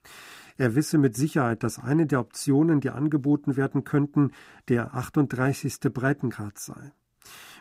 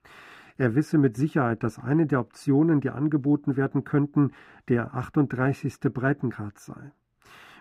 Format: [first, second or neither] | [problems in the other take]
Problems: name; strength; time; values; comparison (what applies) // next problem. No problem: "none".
first | muffled; slightly; fading above 4 kHz